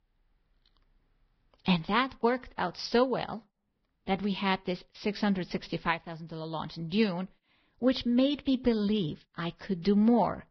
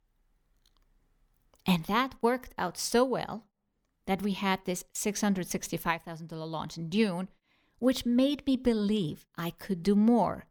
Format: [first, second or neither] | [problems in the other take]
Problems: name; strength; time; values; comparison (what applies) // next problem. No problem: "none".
second | garbled, watery; badly; nothing above 5.5 kHz